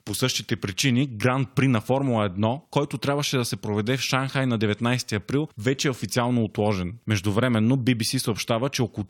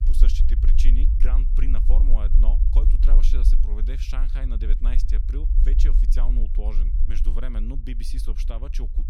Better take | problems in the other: first | low rumble; loud; throughout; 5 dB below the speech

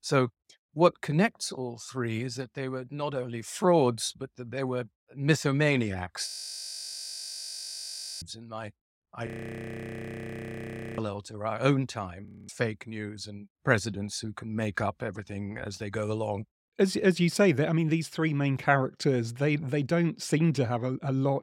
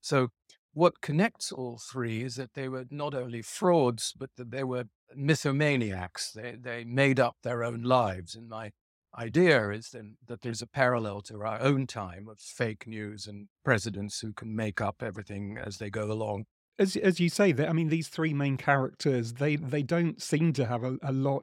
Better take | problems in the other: second | audio freezing; at 6.5 s for 2 s, at 9.5 s for 1.5 s and at 12 s

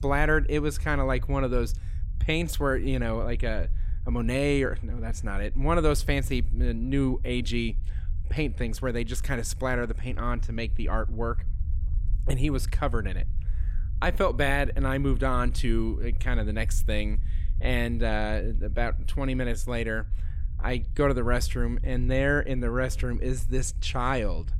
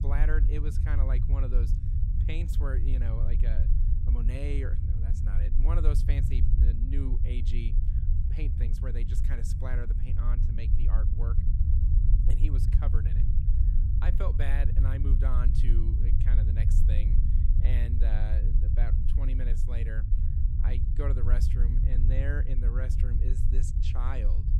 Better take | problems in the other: first | low rumble; loud; throughout; 2 dB below the speech; faint in the first

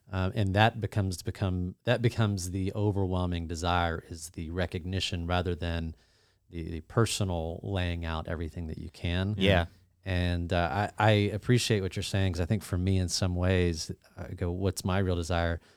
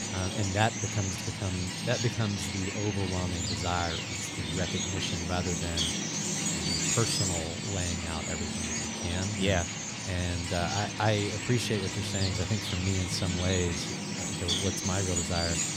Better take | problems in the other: first | animal sounds; very loud; throughout; 1 dB above the speech

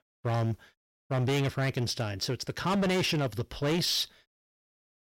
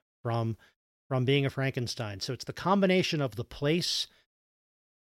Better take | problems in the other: second | distortion; heavy; 14% of the sound clipped

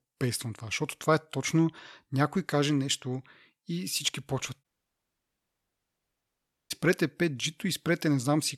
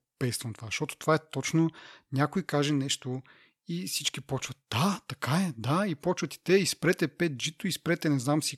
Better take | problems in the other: second | audio cutting out; at 4.5 s for 2 s

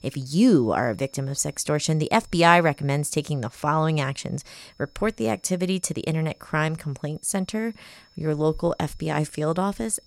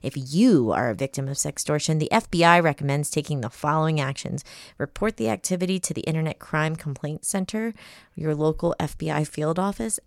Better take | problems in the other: second | high-pitched whine; faint; throughout; 5.5 kHz, 30 dB below the speech

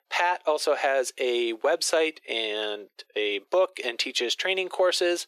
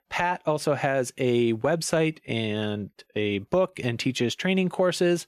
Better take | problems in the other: second | thin; very; fading below 400 Hz

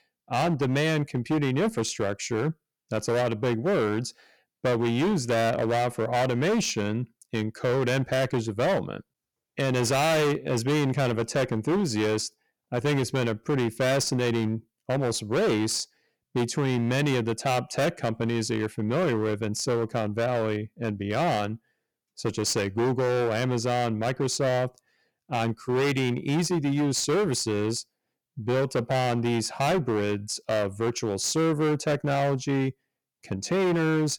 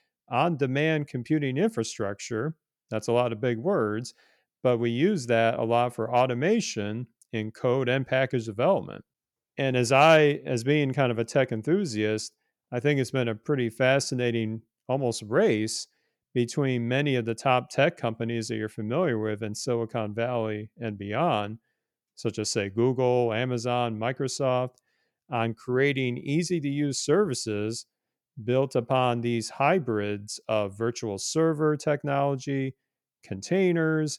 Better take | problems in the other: second | distortion; heavy; 19% of the sound clipped

